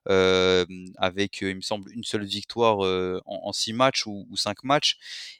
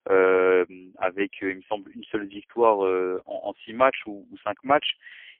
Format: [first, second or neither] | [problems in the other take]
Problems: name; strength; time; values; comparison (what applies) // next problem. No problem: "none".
first | phone-call audio; poor line; nothing above 3 kHz